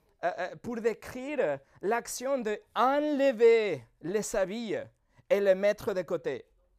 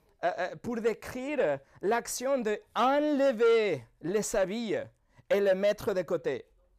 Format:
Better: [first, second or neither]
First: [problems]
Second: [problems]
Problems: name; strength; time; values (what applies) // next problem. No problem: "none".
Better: first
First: none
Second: distortion; slight; 10 dB below the speech